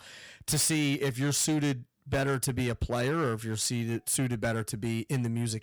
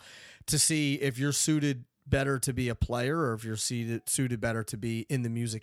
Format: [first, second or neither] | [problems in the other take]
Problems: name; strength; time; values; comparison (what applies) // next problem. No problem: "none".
second | distortion; slight; 11% of the sound clipped